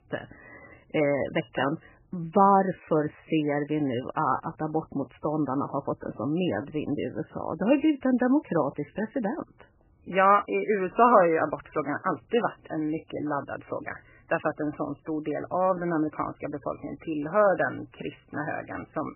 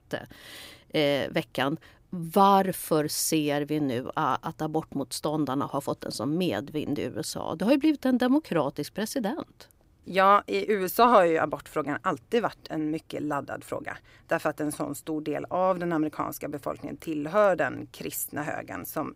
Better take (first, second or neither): second